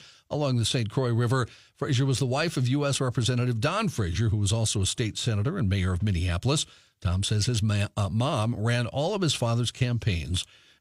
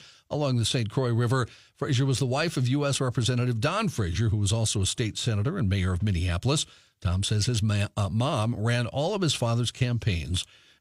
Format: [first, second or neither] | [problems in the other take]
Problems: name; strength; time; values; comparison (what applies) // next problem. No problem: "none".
neither | none